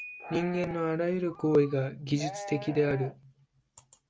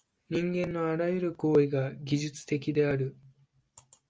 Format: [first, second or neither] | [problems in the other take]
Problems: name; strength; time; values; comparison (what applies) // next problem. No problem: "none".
second | background sound (Livestock, farm animals, working animals + Piano); 14 dB below the speech